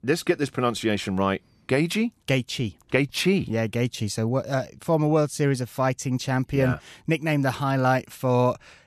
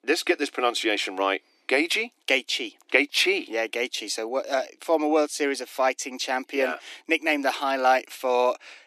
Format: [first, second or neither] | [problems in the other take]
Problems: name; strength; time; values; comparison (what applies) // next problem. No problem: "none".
first | thin; somewhat; fading below 300 Hz